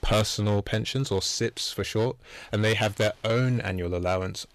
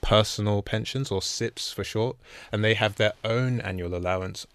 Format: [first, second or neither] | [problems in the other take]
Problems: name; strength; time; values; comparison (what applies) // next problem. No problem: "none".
second | distortion; slight; 6% of the sound clipped